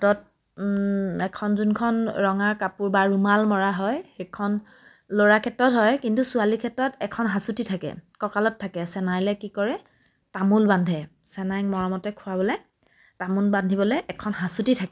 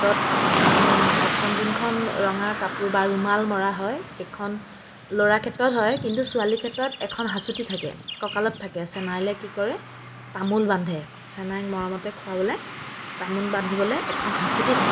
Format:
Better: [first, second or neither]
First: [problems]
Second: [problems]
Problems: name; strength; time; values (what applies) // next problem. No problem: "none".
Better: first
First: none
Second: background sound (Car passing by / Traffic noise, roadway noise); 2 dB below the speech // room echo; dies away in 0.5 s